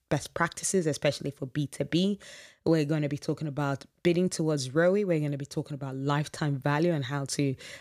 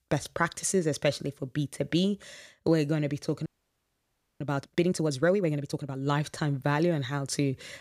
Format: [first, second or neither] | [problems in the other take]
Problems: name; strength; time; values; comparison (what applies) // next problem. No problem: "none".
first | audio freezing; at 3.5 s for 1 s